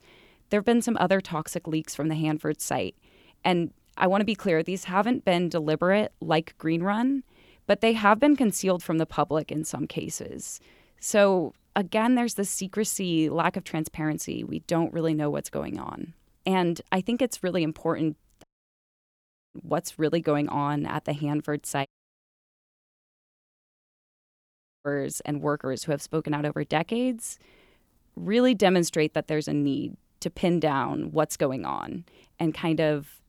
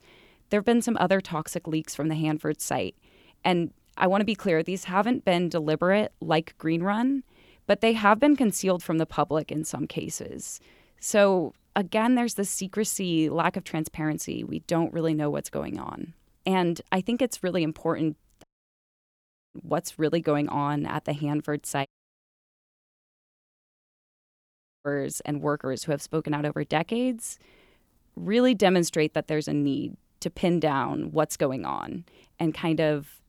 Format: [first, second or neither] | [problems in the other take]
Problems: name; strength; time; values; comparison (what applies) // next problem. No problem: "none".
neither | audio cutting out; at 18 s for 1 s and at 22 s for 3 s; the same in both